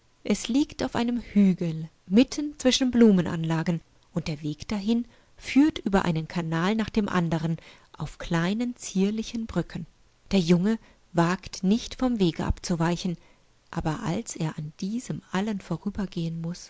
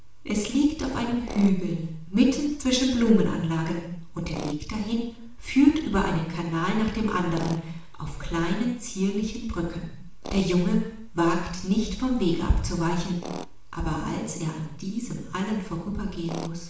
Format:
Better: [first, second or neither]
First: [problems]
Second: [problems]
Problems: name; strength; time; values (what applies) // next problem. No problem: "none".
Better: first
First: none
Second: background sound (Tools); 19 dB below the speech // room echo; dies away in 0.7 s